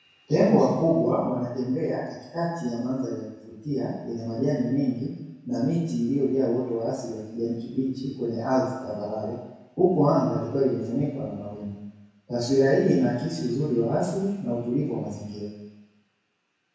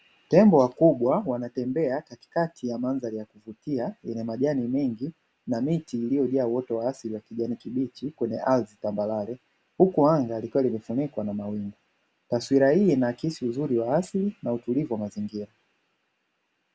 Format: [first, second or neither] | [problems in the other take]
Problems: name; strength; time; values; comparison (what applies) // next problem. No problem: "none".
second | room echo; dies away in 1 s